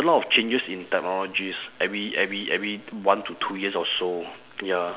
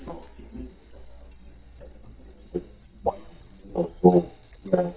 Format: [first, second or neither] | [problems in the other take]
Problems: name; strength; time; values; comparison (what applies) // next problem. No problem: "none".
first | noise reduction (neural mask model DeepFilterNet 3)